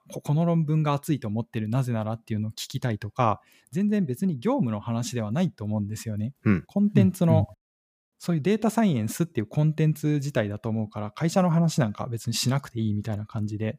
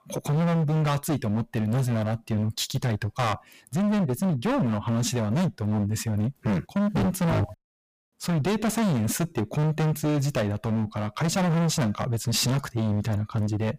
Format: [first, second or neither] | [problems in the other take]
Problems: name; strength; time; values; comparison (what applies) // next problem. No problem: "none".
first | distortion; heavy; 29% of the sound clipped